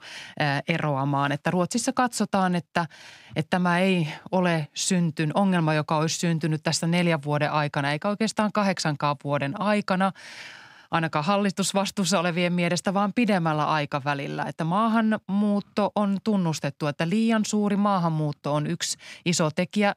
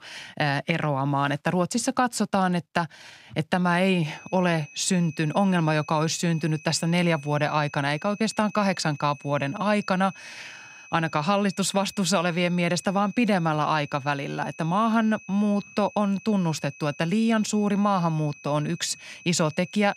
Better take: first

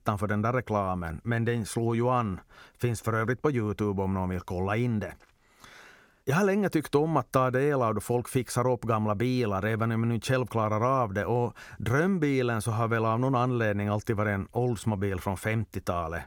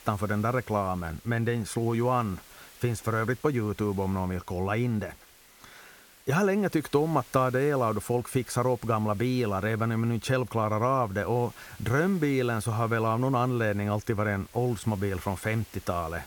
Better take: first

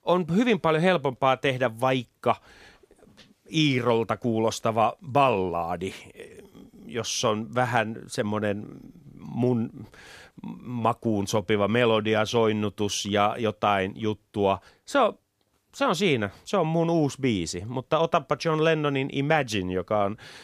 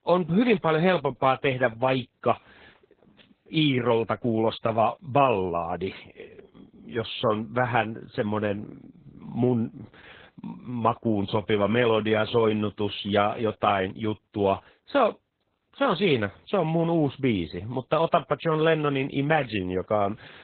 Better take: first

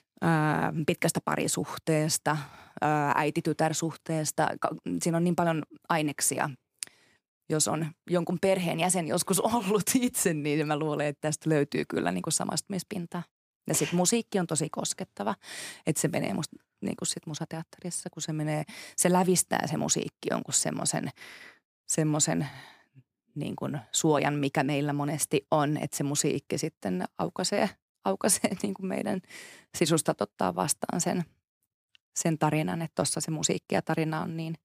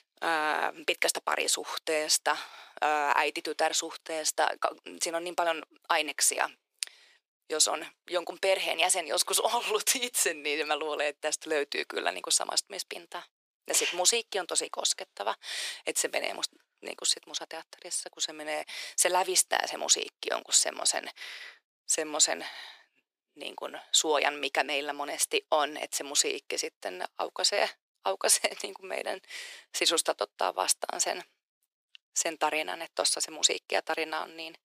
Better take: first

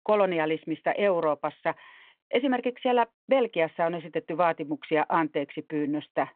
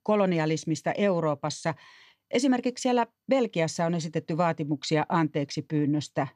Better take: second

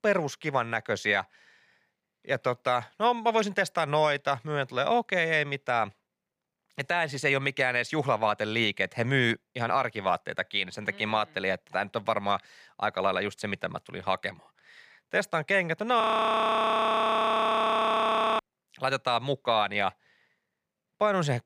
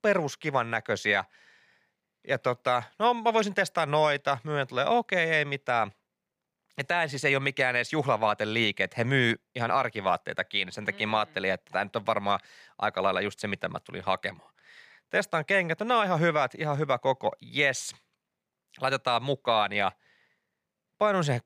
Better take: second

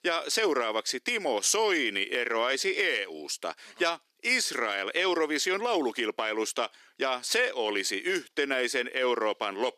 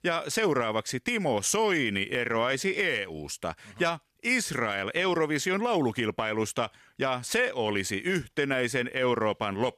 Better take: second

